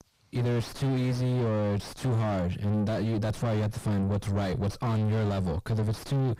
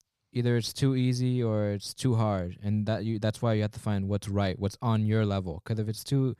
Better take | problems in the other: second | distortion; heavy; 2 dB below the speech

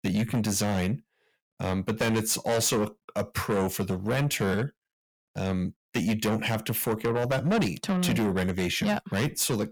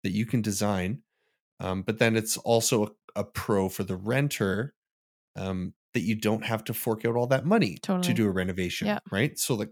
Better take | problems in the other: second | distortion; heavy; 7 dB below the speech

